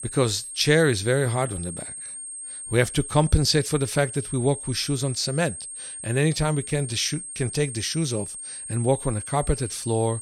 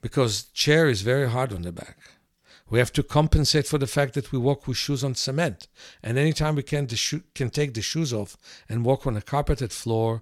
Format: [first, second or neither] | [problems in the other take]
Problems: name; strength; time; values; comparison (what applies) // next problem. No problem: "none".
second | high-pitched whine; loud; throughout; 8.5 kHz, 9 dB below the speech